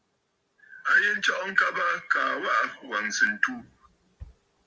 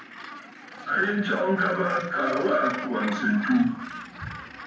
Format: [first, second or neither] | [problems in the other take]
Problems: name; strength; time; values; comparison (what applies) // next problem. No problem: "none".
first | background sound (Gull, seagull); 12 dB below the speech // room echo; dies away in 0.9 s